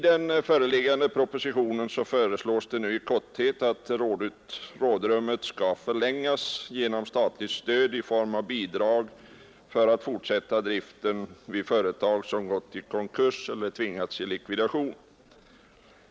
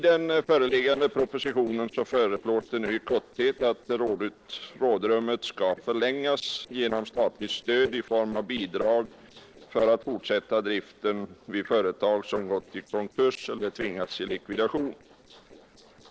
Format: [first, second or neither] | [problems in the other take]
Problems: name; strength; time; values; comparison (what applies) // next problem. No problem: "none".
first | noise reduction (neural separator model SepFormer DNS4)